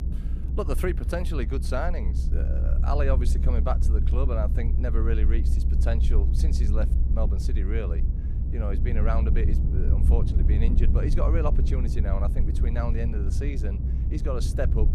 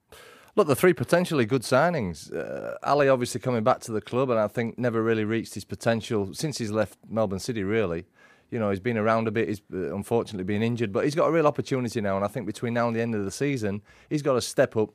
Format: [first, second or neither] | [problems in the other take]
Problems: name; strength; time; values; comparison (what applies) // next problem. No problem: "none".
second | low rumble; loud; throughout; 7 dB below the speech